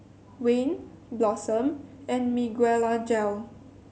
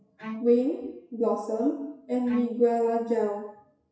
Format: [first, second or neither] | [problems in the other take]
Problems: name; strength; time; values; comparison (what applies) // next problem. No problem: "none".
first | noise reduction (classical method WPE with log-MMSE)